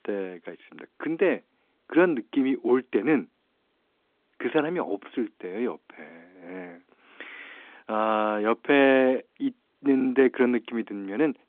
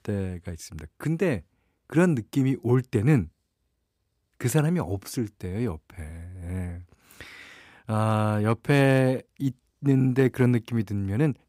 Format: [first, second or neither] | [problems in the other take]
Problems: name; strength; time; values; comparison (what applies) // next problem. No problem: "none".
second | phone-call audio; nothing above 3.5 kHz